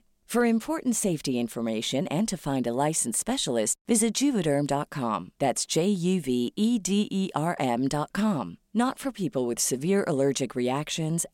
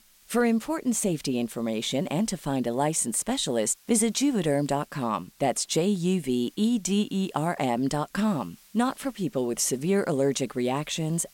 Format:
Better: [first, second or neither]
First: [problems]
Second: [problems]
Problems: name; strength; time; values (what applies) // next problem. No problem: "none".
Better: first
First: none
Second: hiss; faint; throughout; 30 dB below the speech